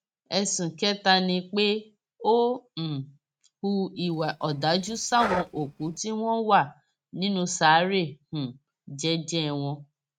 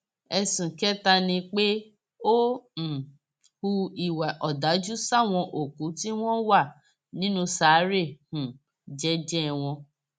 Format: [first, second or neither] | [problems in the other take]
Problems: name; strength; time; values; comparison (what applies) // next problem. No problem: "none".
second | noise reduction (neural mask model RNNoise)